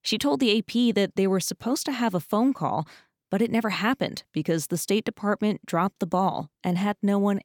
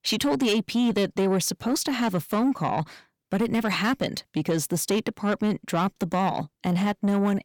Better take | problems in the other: first | distortion; slight; 10 dB below the speech

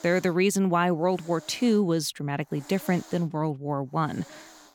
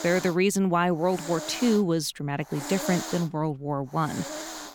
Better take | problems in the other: first | hiss; loud; throughout; 10 dB below the speech; faint in the first

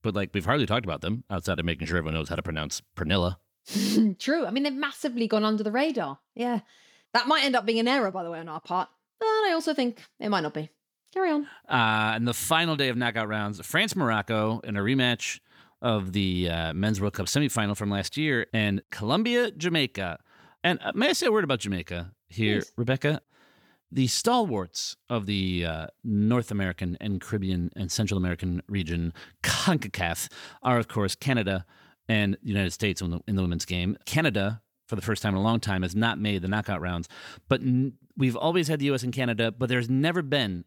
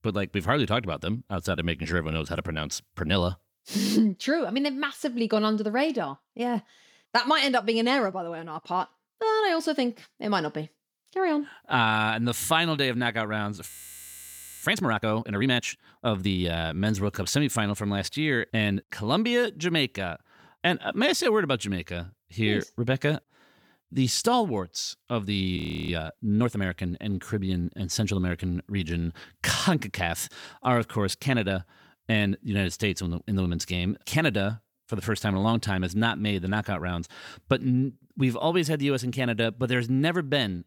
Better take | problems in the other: first | audio freezing; at 14 s for 1 s and at 26 s

